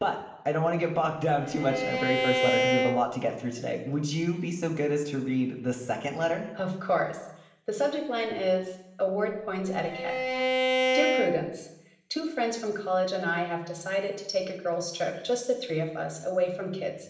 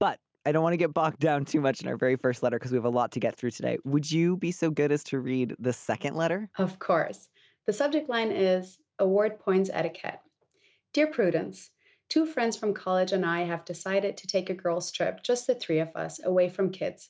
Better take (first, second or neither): second